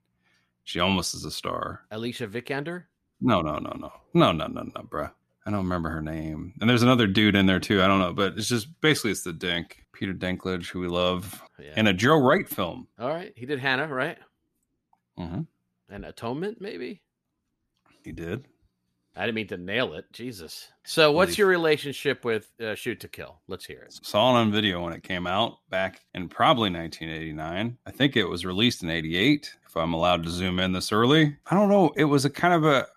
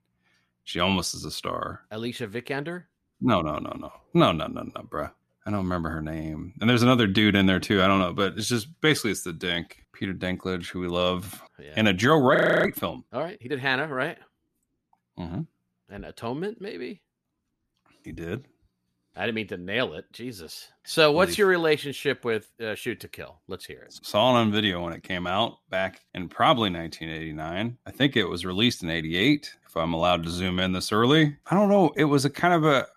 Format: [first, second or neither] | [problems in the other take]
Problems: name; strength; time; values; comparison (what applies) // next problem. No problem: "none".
first | audio freezing; at 12 s